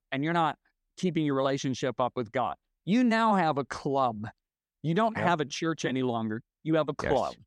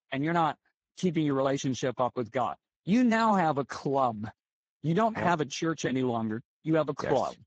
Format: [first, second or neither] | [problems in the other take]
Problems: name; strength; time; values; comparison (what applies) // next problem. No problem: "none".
first | garbled, watery; badly